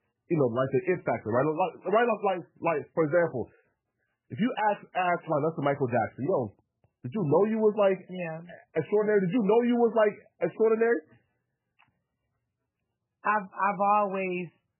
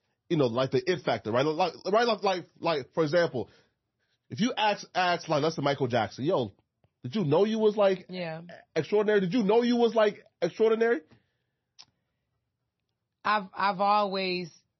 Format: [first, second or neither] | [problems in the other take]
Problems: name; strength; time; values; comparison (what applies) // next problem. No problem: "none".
second | garbled, watery; badly; nothing above 3 kHz; slightly in the second